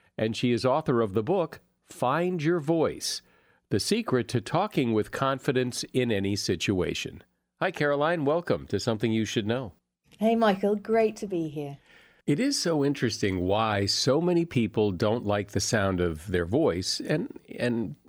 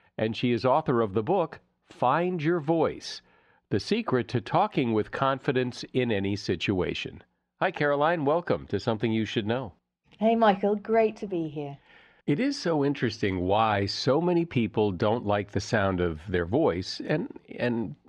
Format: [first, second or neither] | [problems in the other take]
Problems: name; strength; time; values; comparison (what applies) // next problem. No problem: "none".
first | muffled; slightly; fading above 3.5 kHz